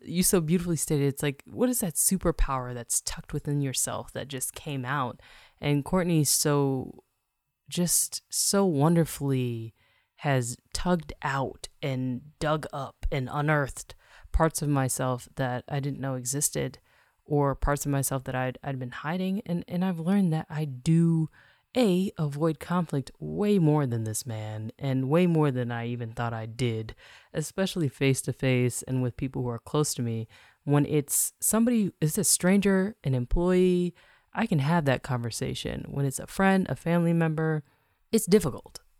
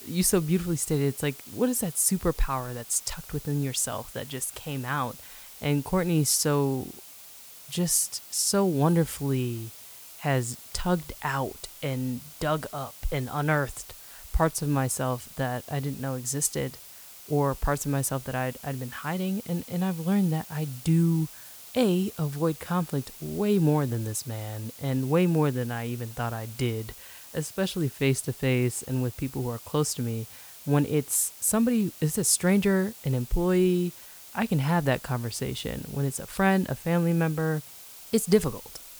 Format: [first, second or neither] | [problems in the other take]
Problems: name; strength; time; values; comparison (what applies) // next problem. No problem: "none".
first | hiss; noticeable; throughout; 15 dB below the speech